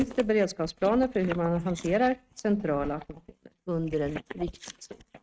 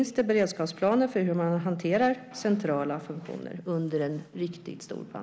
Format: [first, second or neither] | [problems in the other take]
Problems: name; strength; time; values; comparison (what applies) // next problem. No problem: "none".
second | noise reduction (neural mask model RNNoise)